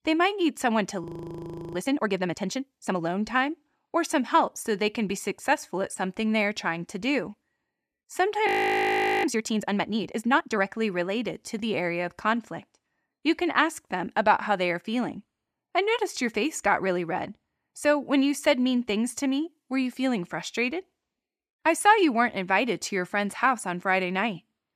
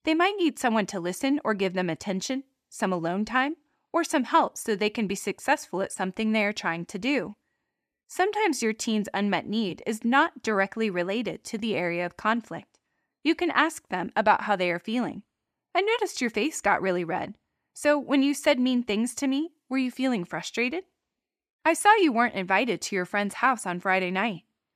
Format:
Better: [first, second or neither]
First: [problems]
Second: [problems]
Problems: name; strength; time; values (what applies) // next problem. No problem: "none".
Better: second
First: audio freezing; at 1 s for 0.5 s and at 8.5 s for 1 s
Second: none